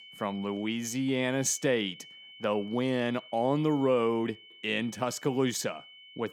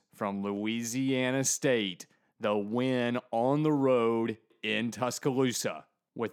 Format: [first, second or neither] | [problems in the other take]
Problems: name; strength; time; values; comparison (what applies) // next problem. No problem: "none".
second | high-pitched whine; noticeable; throughout; 3 kHz, 20 dB below the speech